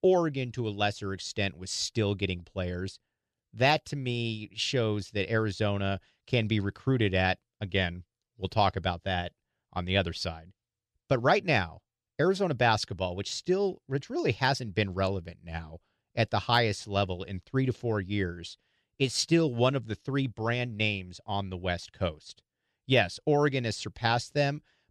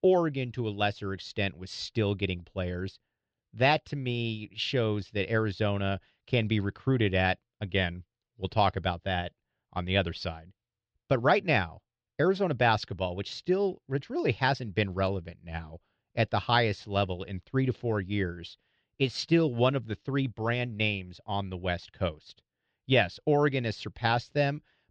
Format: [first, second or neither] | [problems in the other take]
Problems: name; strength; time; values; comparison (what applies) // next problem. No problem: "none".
first | muffled; very slightly; fading above 4 kHz